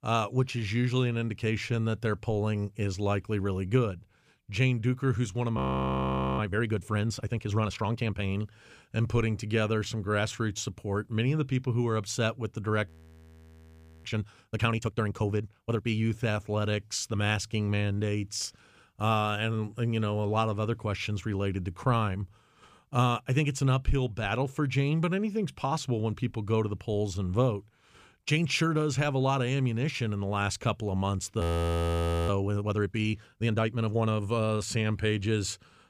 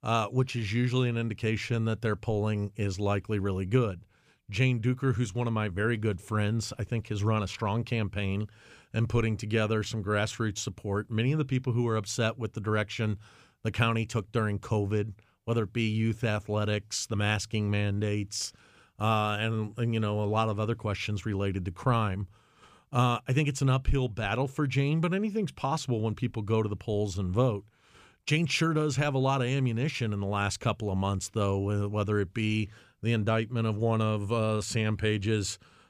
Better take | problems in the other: second | audio freezing; at 5.5 s for 1 s, at 13 s for 1 s and at 31 s for 1 s

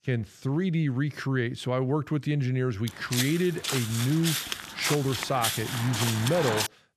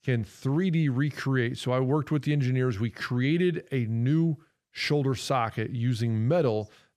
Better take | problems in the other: second | footsteps; noticeable; from 3 s on; peak level with the speech

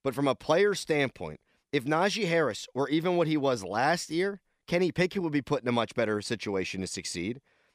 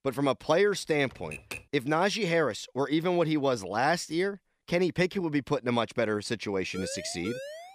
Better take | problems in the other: first | keyboard typing; faint; at 1 s; peak 10 dB below the speech // siren; faint; from 6.5 s on; peak 10 dB below the speech

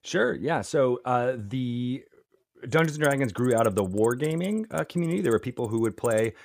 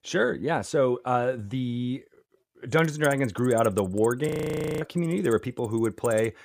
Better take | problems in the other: first | audio freezing; at 4.5 s for 0.5 s

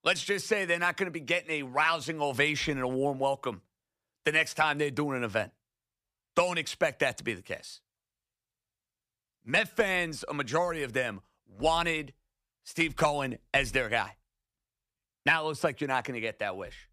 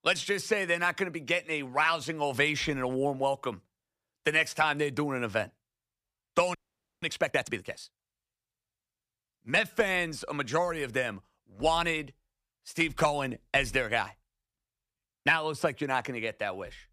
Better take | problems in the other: first | audio freezing; at 6.5 s

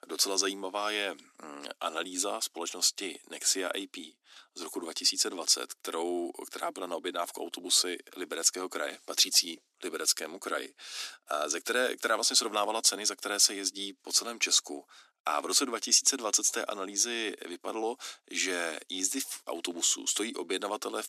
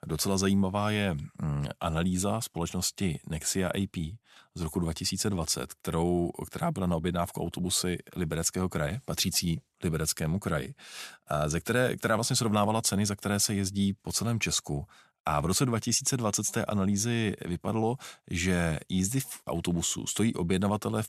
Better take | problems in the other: second | thin; somewhat; fading below 250 Hz

